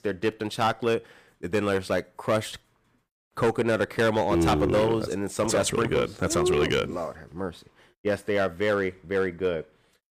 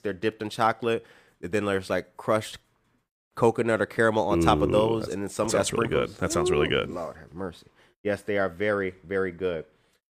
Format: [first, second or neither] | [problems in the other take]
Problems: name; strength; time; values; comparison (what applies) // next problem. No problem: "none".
second | distortion; slight; 5% of the sound clipped